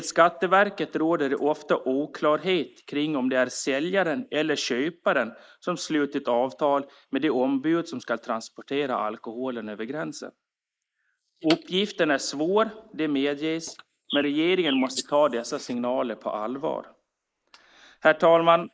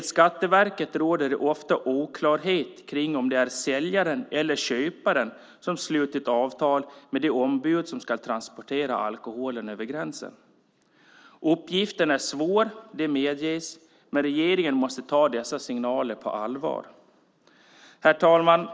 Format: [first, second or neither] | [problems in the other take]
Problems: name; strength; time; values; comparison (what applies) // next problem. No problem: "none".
second | noise reduction (neural mask model Resemble Enhance denoiser)